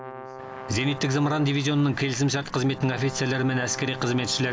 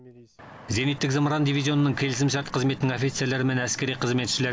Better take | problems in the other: second | background sound (Brass instrument); 14 dB below the speech

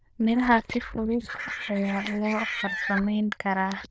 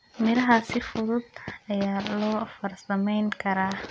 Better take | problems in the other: second | noise reduction (neural diffusion model UNIVERSE++)

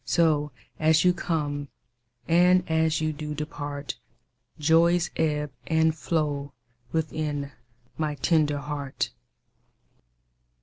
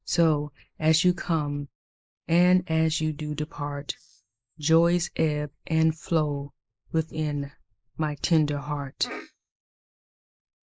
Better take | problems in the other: first | noise reduction (neural mask model Resemble Enhance denoiser)

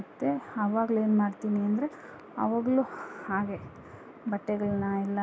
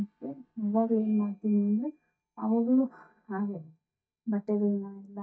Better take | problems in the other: first | noise reduction (neural mask model DeepFilterNet 3)

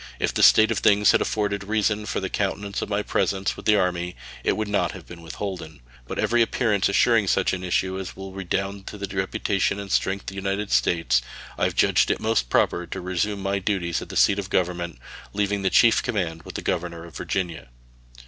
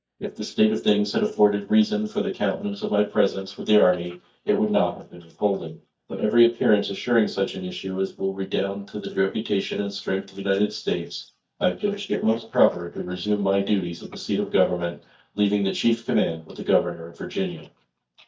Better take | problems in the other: first | noise reduction (neural mask model DeepFilterNet 3)

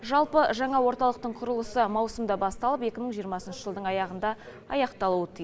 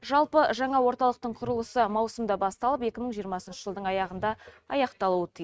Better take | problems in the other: first | noise reduction (neural mask model RNNoise)

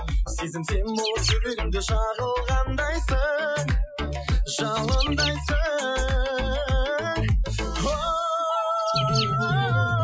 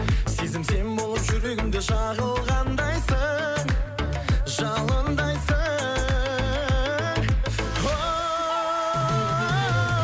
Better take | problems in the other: second | noise reduction (classical method Wiener filter)

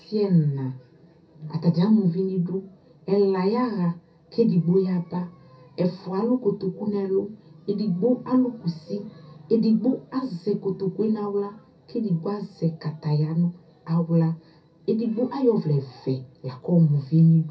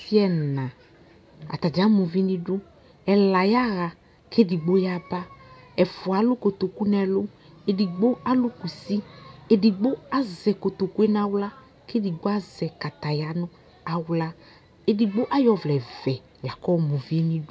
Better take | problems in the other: second | room echo; dies away in 0.3 s

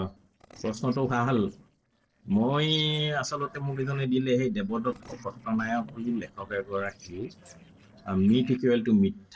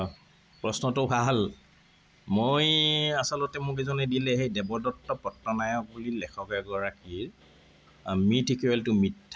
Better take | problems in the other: second | noise reduction (neural separator model SepFormer DNS4)

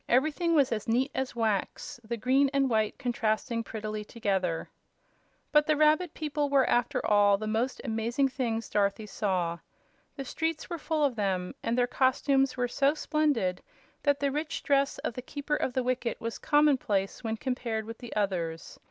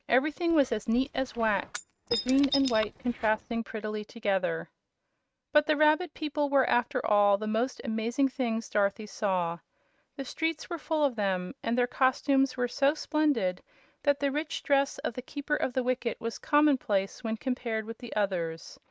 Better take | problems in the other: first | noise reduction (neural mask model RNNoise)

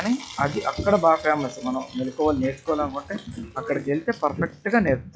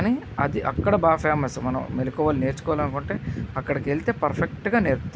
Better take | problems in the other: second | noise reduction (classical method log-MMSE)

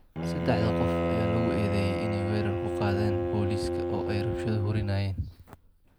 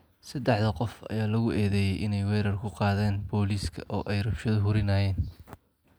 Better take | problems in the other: second | background sound (Bowed string instrument); as loud as the speech

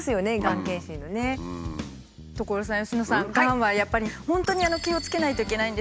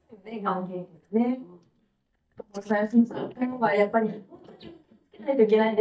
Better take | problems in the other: first | noise reduction (neural mask model DeepFilterNet 3)

